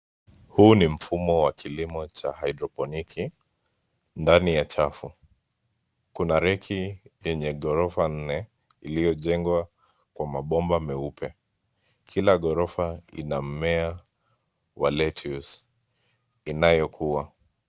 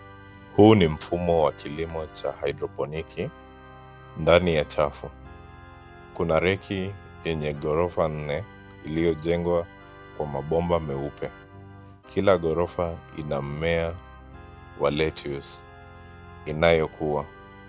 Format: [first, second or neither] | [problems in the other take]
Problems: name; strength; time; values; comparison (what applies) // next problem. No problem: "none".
first | background sound (Organ); 19 dB below the speech